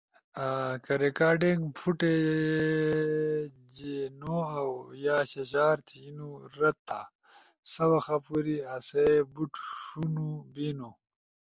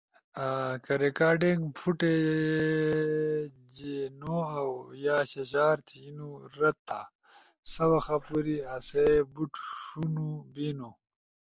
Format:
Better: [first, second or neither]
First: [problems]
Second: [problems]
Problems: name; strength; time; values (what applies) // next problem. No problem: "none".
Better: first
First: none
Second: background sound (Meow); 15 dB below the speech